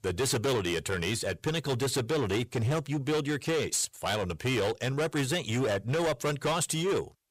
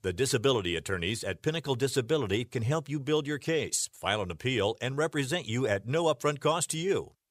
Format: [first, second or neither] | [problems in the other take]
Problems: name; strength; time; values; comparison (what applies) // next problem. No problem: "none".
second | distortion; heavy; 20% of the sound clipped